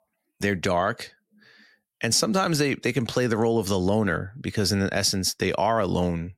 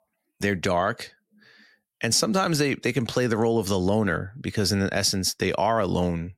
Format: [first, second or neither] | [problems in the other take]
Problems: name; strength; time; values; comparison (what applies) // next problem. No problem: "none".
neither | none